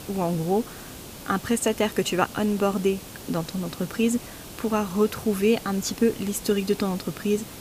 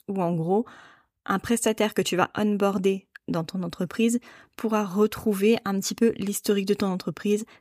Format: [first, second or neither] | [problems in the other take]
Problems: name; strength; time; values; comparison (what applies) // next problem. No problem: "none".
second | hiss; noticeable; throughout; 15 dB below the speech